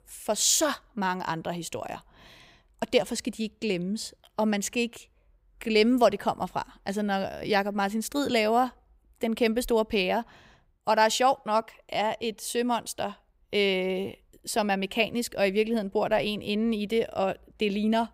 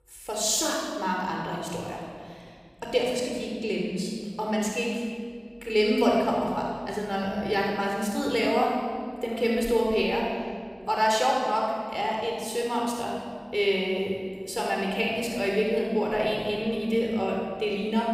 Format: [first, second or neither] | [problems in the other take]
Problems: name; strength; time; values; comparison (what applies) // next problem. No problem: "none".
first | off-mic speech; somewhat distant // room echo; strong; dies away in 1.8 s